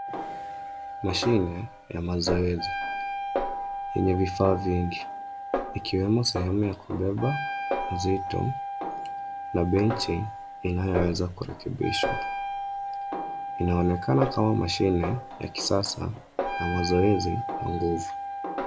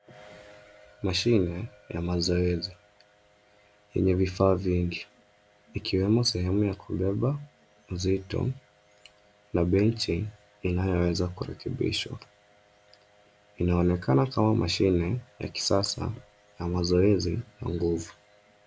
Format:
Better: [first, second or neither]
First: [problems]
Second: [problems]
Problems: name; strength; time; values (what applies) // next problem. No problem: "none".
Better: second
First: background sound (Snare drum + Wind instrument, woodwind instrument); 5 dB below the speech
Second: none